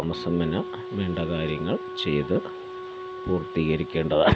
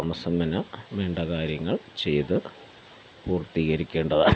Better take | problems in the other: second | background sound (Wind instrument, woodwind instrument); 10 dB below the speech

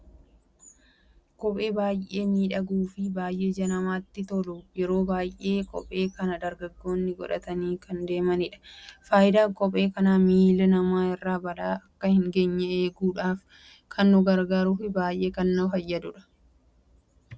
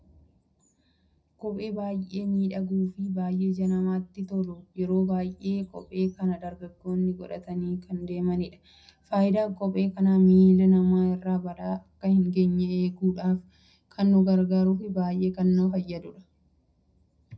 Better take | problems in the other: first | room echo; dies away in 0.4 s

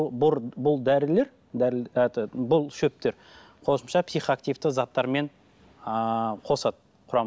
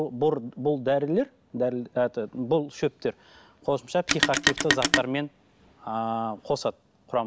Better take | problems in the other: first | background sound (Telephone); 1 dB above the speech

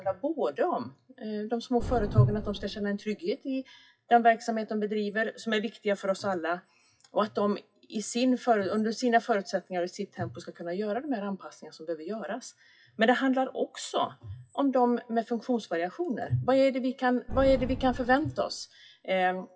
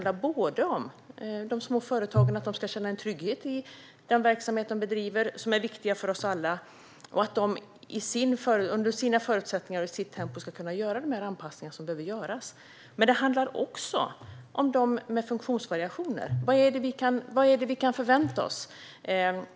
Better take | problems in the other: second | noise reduction (classical method WPE with log-MMSE)

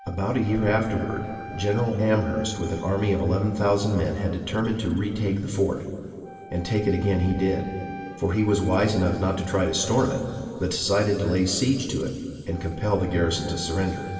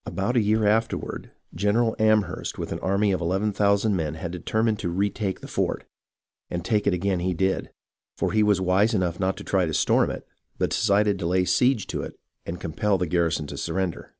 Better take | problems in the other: second | background sound (Wind instrument, woodwind instrument); 18 dB below the speech // room echo; dies away in 2.5 s

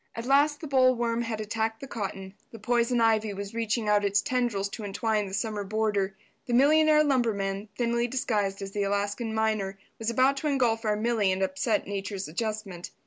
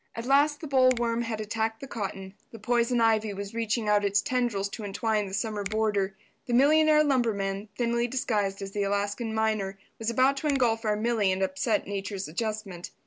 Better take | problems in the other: first | background sound (Finger snapping); 20 dB below the speech

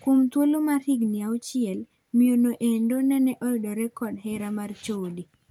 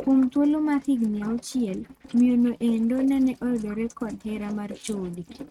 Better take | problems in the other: first | noise reduction (neural mask model RNNoise)

